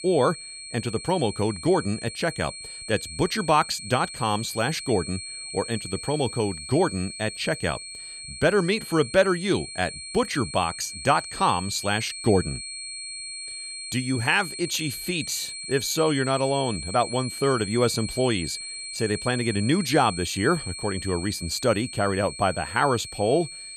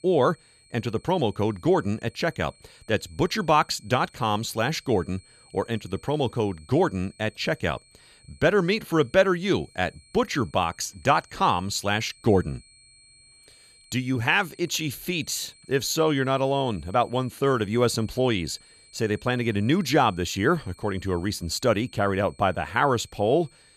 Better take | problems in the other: second | high-pitched whine; loud; throughout; 4.5 kHz, 9 dB below the speech; faint in the second

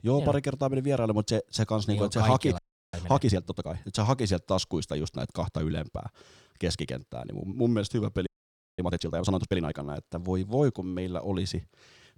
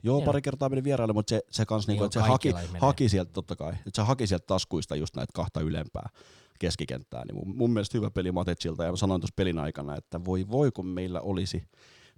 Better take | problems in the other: second | audio freezing; at 2.5 s and at 8.5 s for 0.5 s

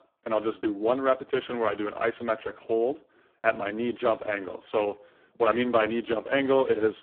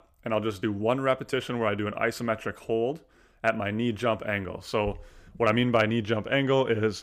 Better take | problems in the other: second | phone-call audio; poor line

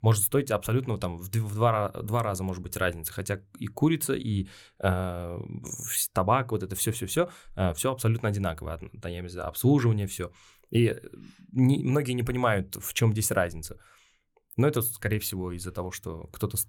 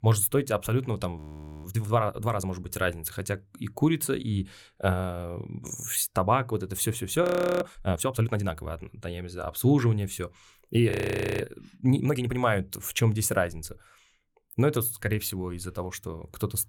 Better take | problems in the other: first | audio freezing; at 1 s, at 7 s and at 11 s for 0.5 s

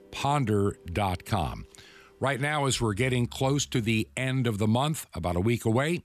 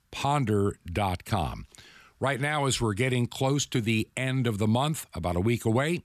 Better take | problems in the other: second | background music; faint; until 4 s; 25 dB below the speech

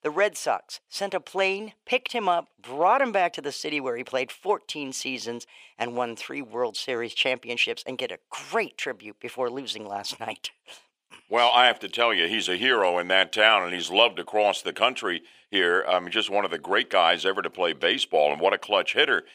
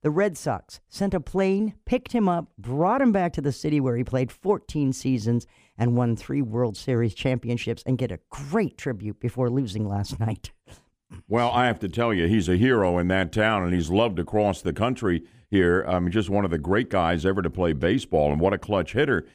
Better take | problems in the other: second | thin; very; fading below 650 Hz

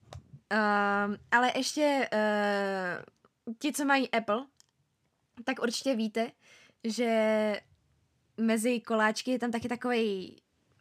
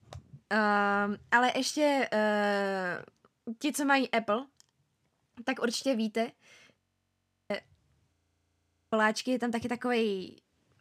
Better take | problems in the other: first | audio freezing; at 7 s for 0.5 s and at 8 s for 1 s

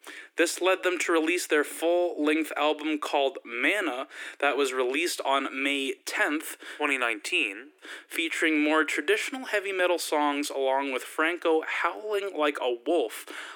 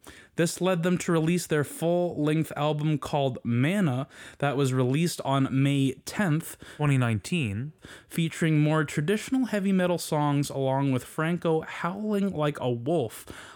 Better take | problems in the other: second | thin; somewhat; fading below 300 Hz

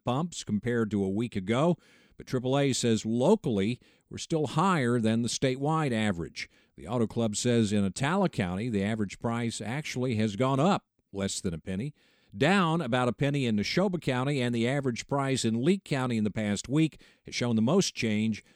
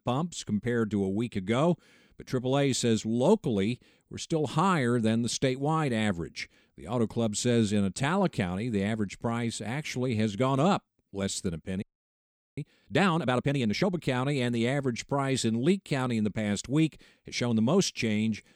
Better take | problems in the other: first | audio freezing; at 12 s for 1 s

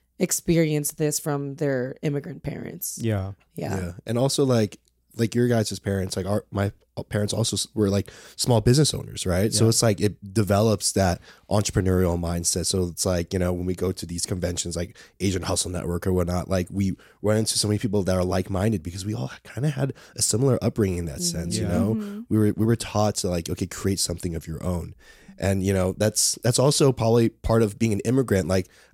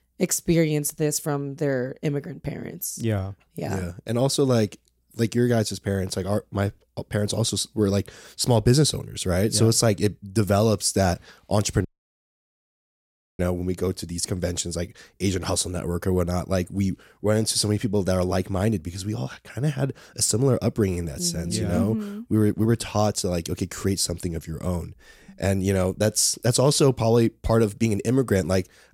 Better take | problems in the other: first | audio cutting out; at 12 s for 1.5 s

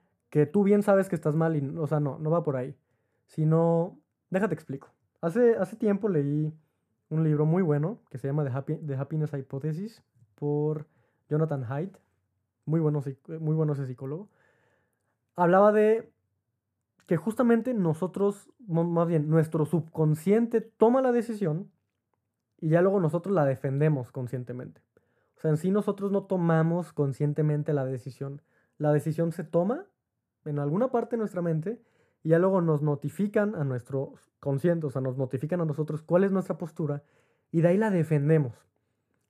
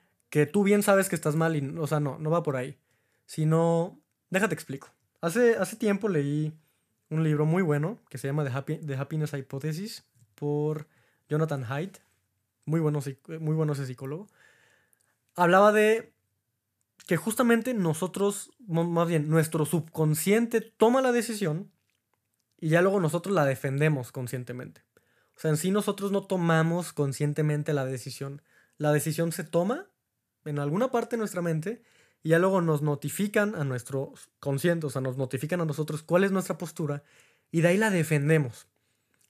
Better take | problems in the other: second | muffled; very; fading above 1.5 kHz

